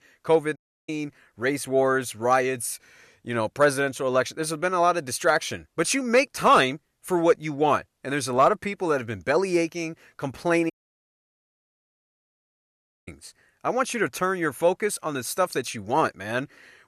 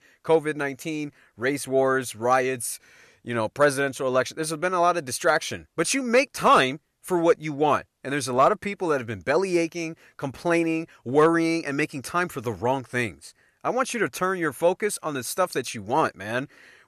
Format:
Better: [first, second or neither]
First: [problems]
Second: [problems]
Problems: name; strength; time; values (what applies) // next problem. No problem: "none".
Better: second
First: audio cutting out; at 0.5 s and at 11 s for 2.5 s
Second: none